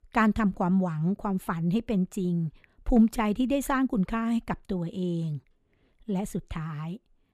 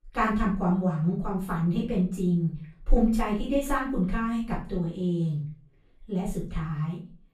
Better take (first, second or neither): first